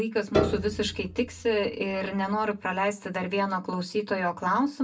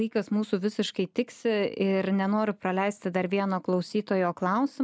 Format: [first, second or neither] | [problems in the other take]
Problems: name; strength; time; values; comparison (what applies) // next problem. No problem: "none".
second | background sound (Piano); 5 dB below the speech // room echo; dies away in 0.2 s